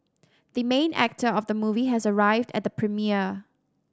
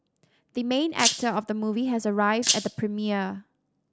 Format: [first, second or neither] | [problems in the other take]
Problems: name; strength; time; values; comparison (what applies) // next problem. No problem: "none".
first | background sound (Rattle (instrument)); 1 dB below the speech